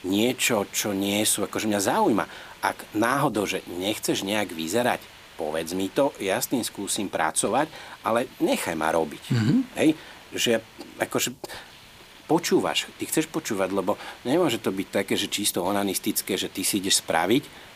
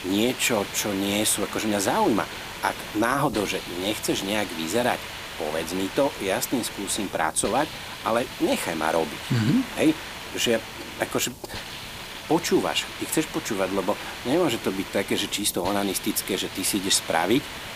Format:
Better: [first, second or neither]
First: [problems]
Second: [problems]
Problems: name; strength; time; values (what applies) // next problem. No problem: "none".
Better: first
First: hiss; faint; throughout; 20 dB below the speech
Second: hiss; loud; throughout; 10 dB below the speech